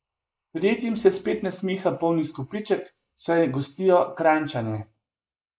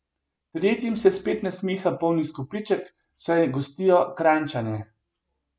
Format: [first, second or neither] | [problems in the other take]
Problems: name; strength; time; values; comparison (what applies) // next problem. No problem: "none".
second | noise reduction (neural mask model Resemble Enhance denoiser)